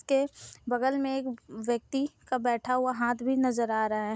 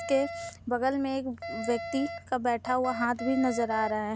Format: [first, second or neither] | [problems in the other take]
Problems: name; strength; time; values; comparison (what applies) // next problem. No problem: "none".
first | background sound (Alarm); 10 dB below the speech